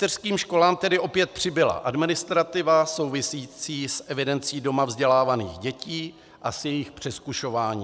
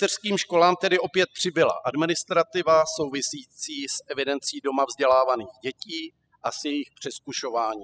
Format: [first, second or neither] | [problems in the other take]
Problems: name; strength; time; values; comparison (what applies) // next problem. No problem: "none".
first | noise reduction (classical method spectral subtraction)